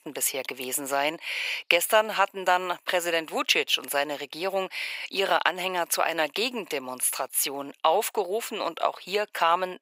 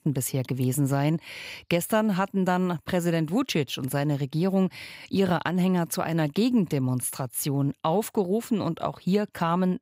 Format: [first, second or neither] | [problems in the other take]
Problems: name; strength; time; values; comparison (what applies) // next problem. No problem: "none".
second | thin; very; fading below 500 Hz